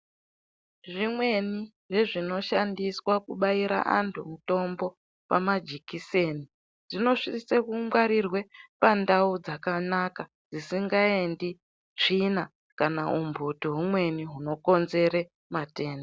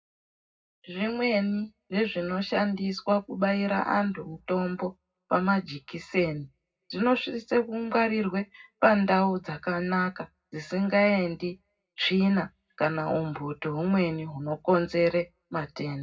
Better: first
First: none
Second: room echo; dies away in 0.4 s

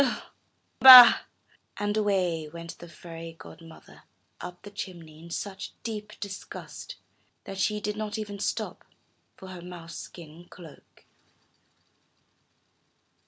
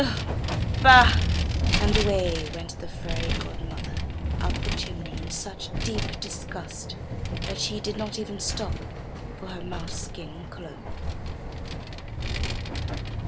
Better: first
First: none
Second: background sound (Vehicle); 1 dB above the speech

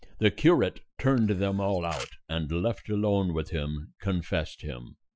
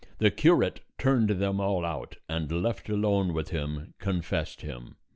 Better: second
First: noise reduction (classical method Wiener filter)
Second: none

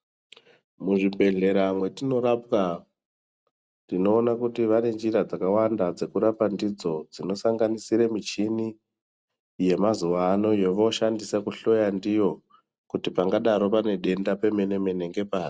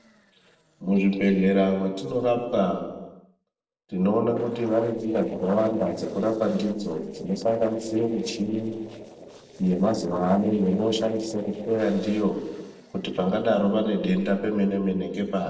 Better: first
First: none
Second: noise reduction (neural separator model SepFormer DNS4)

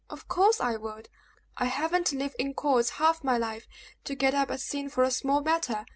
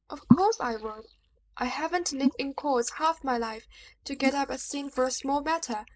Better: first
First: none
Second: noise reduction (neural mask model Resemble Enhance denoiser)

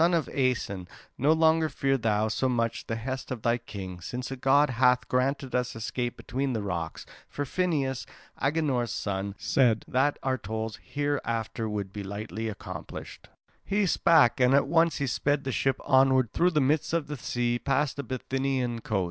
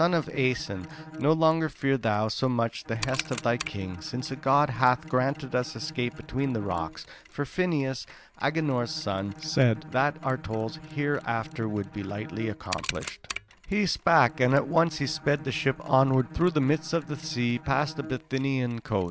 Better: first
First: none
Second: background sound (Bowed string instrument + Mechanisms); 15 dB below the speech

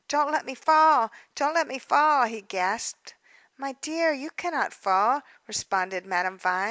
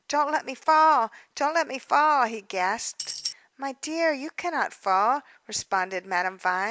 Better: first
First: none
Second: background sound (Tambourine); 7 dB below the speech

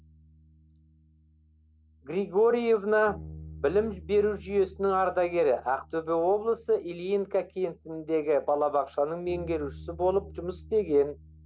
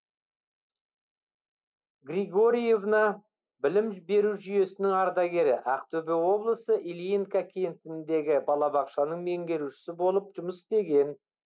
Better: second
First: background sound (Bass guitar); 20 dB below the speech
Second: none

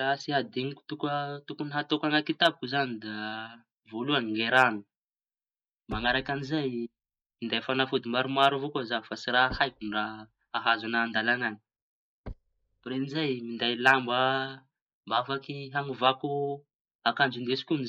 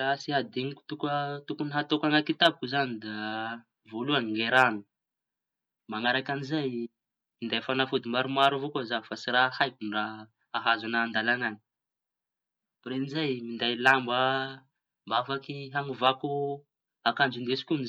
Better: second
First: noise reduction (neural mask model DeepFilterNet 3)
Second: none

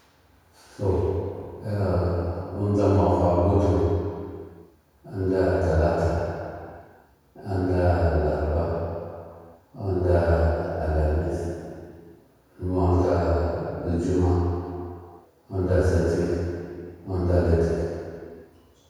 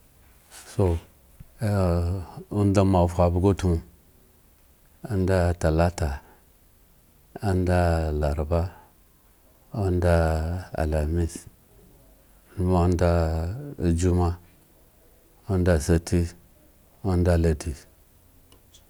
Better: second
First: room echo; dies away in 2.2 s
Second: none

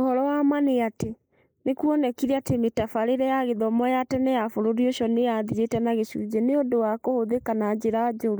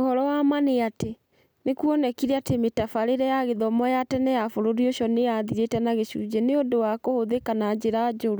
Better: second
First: noise reduction (neural mask model Resemble Enhance denoiser)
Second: none

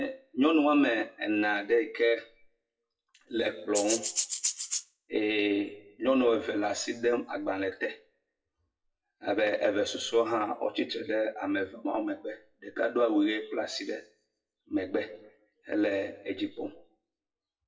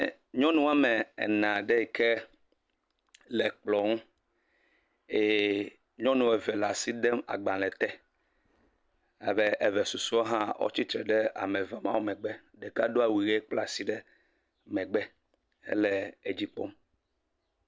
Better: second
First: noise reduction (classical method WPE with log-MMSE)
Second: none

